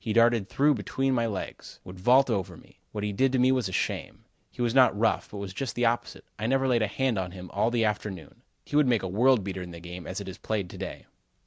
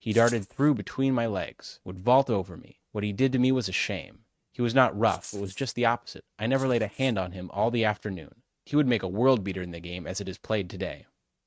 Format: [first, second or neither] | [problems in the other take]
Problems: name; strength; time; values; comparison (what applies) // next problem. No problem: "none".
first | noise reduction (neural mask model RNNoise)